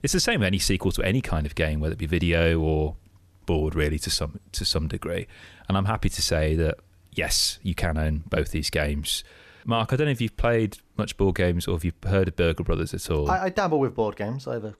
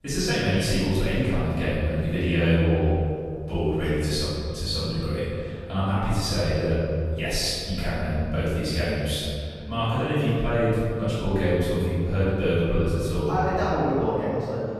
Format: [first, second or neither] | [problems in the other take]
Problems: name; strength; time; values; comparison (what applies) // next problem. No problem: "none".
first | room echo; strong; dies away in 2.3 s // off-mic speech; far